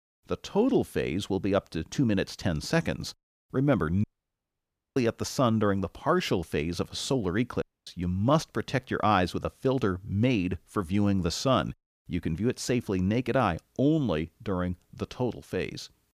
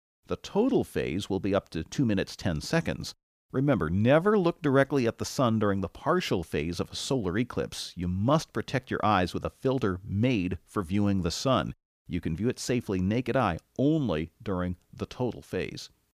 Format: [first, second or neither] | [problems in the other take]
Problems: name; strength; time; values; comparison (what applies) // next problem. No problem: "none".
second | audio cutting out; at 4 s for 1 s and at 7.5 s